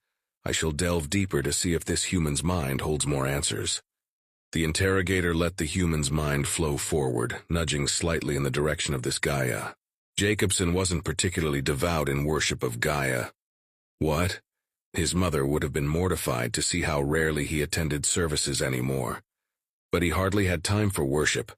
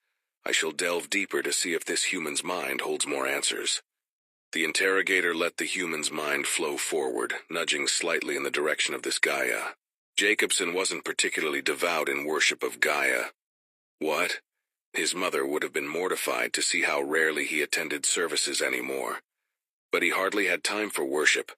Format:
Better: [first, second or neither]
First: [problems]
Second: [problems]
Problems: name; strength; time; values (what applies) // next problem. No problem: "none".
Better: first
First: none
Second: thin; somewhat; fading below 300 Hz